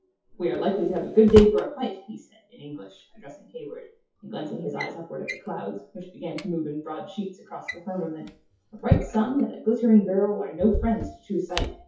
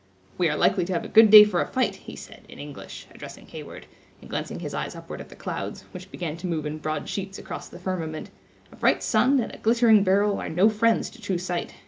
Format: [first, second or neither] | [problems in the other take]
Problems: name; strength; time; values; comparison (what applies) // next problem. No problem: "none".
second | noise reduction (classical method WPE with log-MMSE)